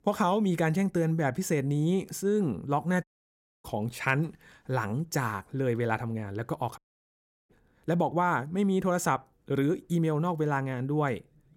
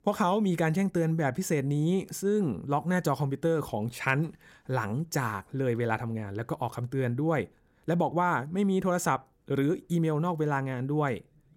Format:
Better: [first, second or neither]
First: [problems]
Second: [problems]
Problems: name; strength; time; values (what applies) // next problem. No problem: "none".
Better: second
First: audio cutting out; at 3 s for 0.5 s and at 7 s for 0.5 s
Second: none